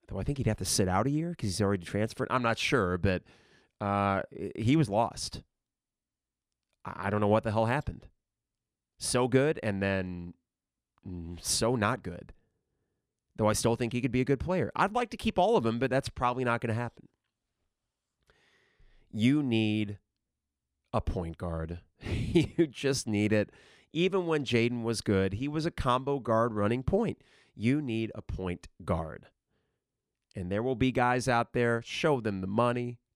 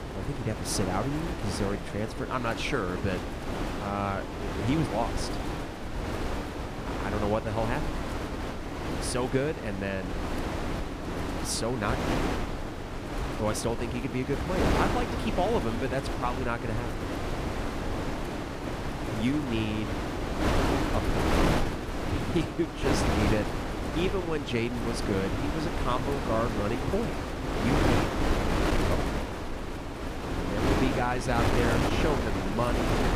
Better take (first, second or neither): first